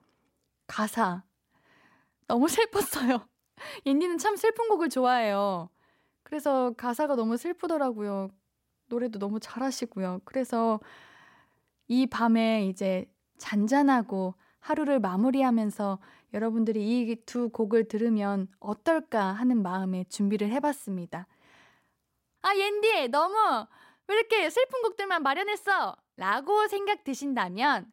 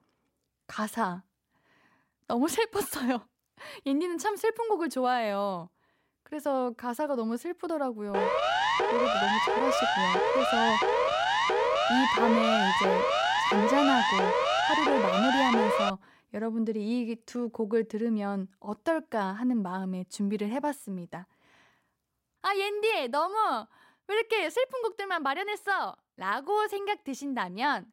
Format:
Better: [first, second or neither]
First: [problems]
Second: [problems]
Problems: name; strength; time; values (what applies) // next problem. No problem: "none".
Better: first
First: none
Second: siren; loud; from 8 to 16 s; peak 6 dB above the speech